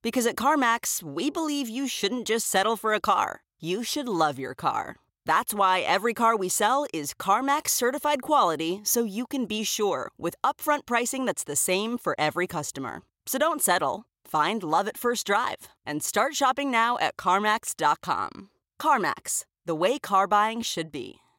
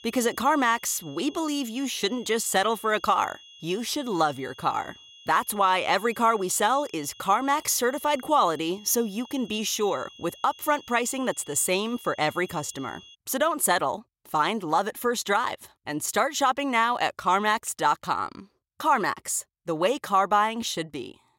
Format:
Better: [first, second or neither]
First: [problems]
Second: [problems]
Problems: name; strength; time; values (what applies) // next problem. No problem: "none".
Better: first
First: none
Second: high-pitched whine; faint; until 13 s; 3.5 kHz, 20 dB below the speech